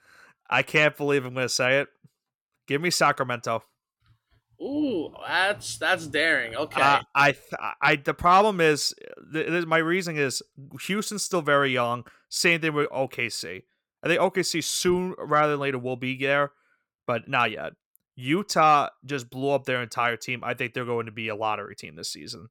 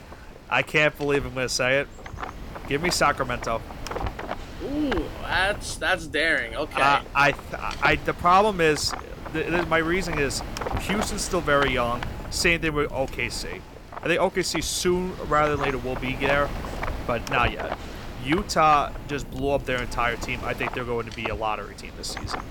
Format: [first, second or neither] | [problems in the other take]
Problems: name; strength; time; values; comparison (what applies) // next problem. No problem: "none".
first | wind noise on the microphone; occasional gusts; 10 dB below the speech